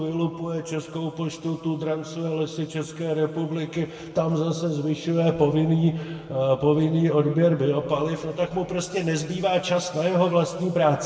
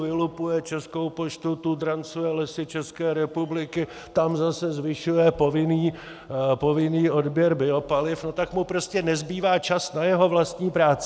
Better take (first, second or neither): second